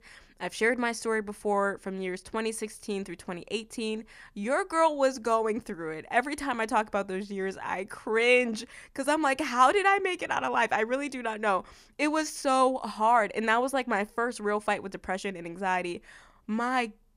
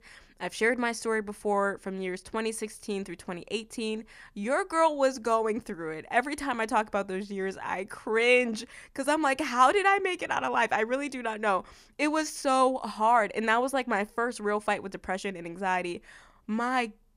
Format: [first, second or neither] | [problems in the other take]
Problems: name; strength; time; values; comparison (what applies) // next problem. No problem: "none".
neither | none